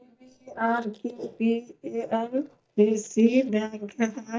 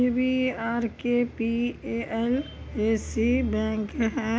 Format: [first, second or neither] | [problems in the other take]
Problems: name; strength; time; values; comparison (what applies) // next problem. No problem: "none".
second | noise reduction (neural mask model DeepFilterNet 3)